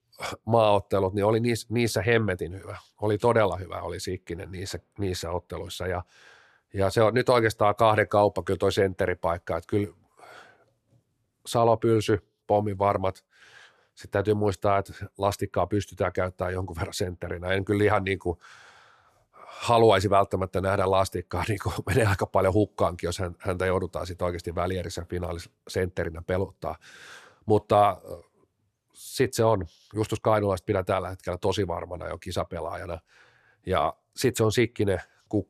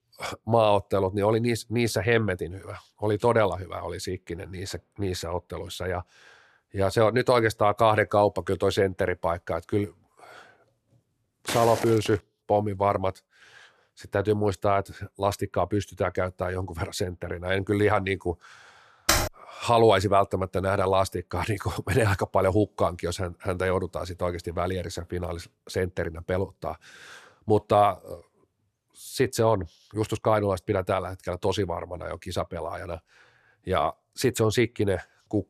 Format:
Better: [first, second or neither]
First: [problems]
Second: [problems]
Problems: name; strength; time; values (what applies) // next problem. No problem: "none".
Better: first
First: none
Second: footsteps; noticeable; at 11 s; peak 5 dB below the speech // keyboard typing; loud; at 19 s; peak 3 dB above the speech